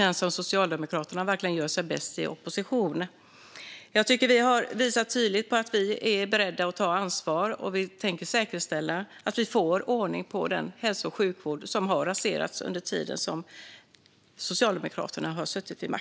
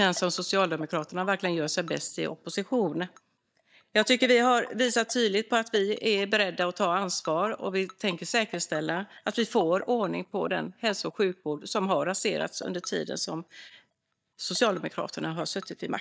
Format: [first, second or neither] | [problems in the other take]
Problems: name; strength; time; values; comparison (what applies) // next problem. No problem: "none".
first | noise reduction (neural mask model DeepFilterNet 3)